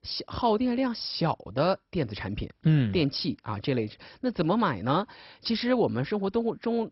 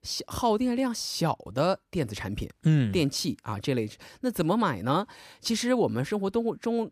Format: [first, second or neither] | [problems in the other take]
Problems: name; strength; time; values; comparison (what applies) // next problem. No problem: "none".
second | garbled, watery; badly; nothing above 5.5 kHz